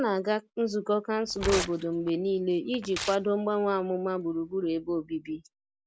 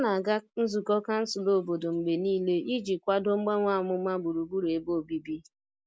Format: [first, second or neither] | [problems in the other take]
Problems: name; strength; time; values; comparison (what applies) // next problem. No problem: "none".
second | background sound (Tearing); 11 dB below the speech